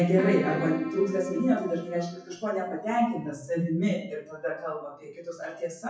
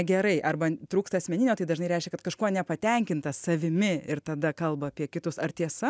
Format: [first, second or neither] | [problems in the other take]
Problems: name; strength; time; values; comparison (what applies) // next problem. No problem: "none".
second | noise reduction (classical method WPE with log-MMSE)